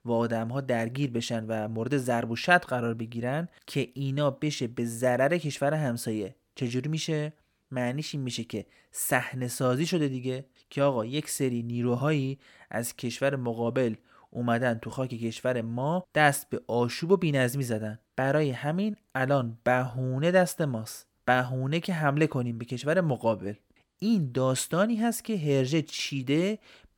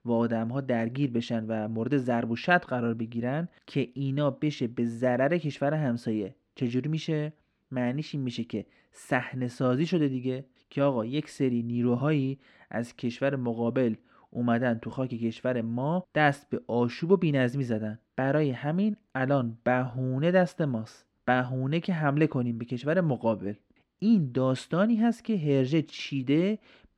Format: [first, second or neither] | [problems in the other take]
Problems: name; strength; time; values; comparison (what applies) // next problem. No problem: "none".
first | muffled; slightly; fading above 4 kHz